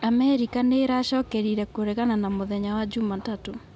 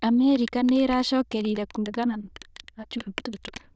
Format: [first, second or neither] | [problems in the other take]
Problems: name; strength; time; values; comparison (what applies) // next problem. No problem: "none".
first | noise reduction (neural diffusion model UNIVERSE++)